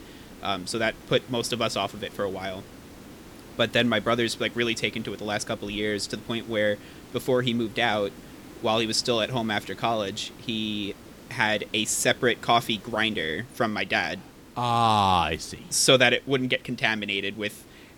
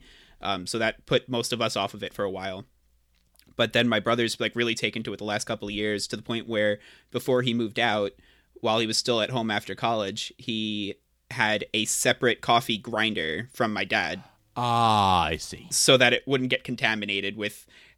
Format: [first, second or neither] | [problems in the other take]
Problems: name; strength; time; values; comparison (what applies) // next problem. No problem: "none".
second | hiss; faint; throughout; 20 dB below the speech